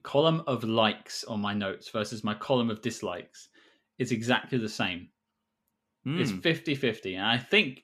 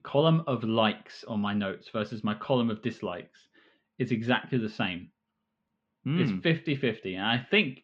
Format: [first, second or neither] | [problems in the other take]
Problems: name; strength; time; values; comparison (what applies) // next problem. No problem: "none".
first | muffled; slightly; fading above 3.5 kHz